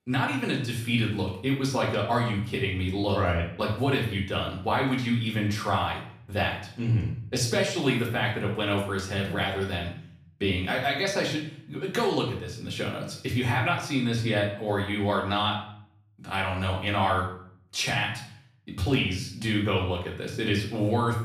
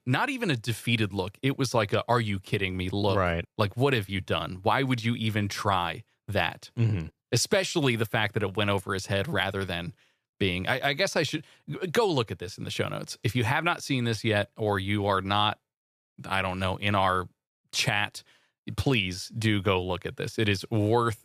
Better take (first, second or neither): second